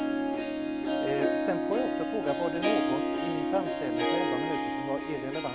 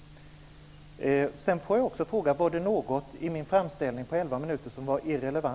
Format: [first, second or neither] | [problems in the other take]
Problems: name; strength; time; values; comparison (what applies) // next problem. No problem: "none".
second | background sound (Harp); 5 dB above the speech